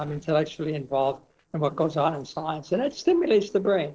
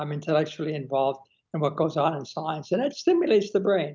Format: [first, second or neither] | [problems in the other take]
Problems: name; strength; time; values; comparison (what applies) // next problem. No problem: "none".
second | noise reduction (neural separator model SepFormer DNS4)